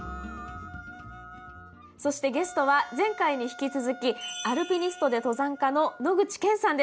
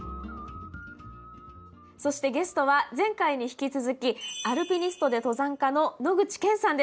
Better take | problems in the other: second | background sound (Wind instrument, woodwind instrument); 19 dB below the speech

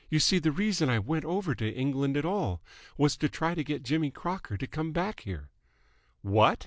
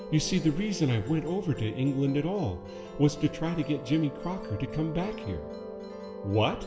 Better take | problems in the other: first | background sound (Musical instrument); 11 dB below the speech // room echo; dies away in 1.5 s

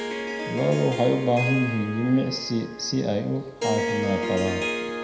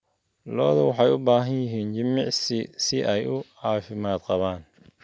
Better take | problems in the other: second | background sound (Harp); 5 dB below the speech // room echo; dies away in 0.8 s

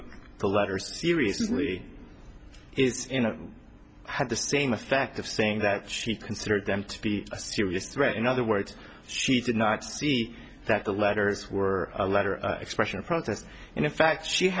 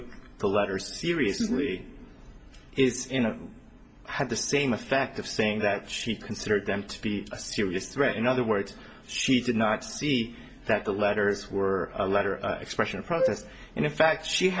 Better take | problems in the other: first | background sound (Wind instrument, woodwind instrument); 3 dB below the speech // room echo; dies away in 0.4 s

